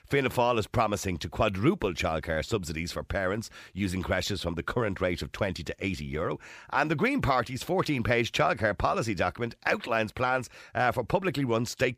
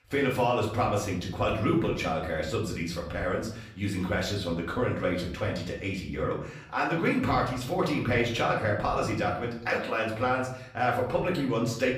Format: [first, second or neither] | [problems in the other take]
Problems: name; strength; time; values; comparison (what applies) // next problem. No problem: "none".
first | off-mic speech; far // room echo; slight; dies away in 0.6 s